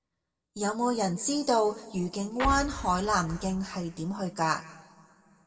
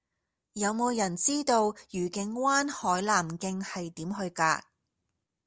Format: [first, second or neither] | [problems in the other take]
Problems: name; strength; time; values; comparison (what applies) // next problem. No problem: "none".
second | background sound (Explosion); 8 dB below the speech // room echo; dies away in 1.4 s